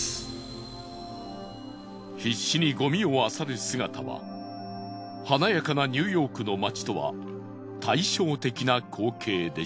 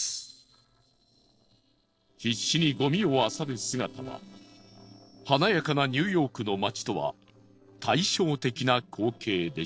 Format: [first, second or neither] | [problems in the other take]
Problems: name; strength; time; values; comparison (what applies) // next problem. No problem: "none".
first | noise reduction (neural separator model SepFormer DNS4)